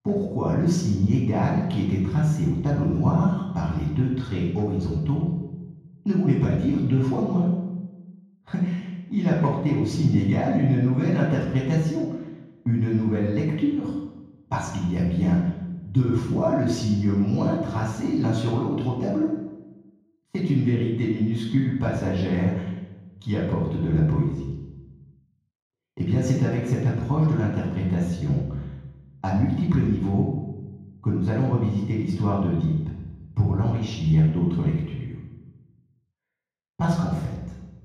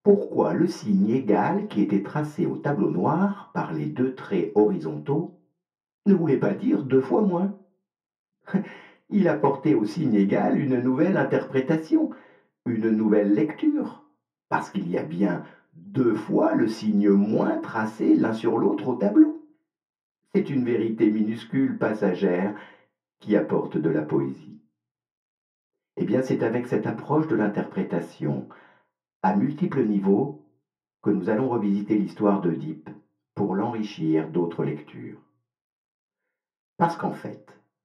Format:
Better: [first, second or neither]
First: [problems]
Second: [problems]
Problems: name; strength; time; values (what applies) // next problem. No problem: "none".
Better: second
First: room echo; strong; dies away in 1.3 s // off-mic speech; far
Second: room echo; slight; dies away in 0.3 s // off-mic speech; far